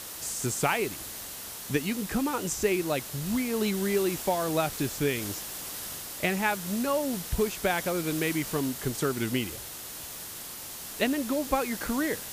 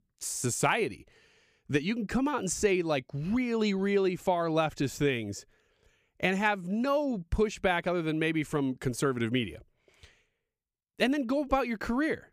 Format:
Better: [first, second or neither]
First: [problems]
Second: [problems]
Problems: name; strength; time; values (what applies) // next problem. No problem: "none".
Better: second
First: hiss; loud; throughout; 7 dB below the speech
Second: none